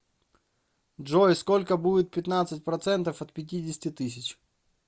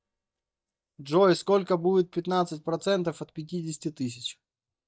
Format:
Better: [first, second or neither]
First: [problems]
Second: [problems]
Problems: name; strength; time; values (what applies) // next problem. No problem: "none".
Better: first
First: none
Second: noise reduction (neural mask model DeepFilterNet 3)